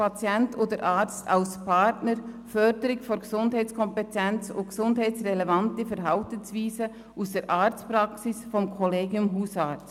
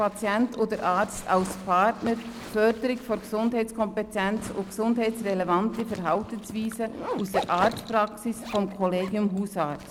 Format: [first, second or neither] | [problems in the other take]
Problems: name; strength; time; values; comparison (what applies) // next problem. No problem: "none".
first | background sound (Zipper (clothing)); 13 dB below the speech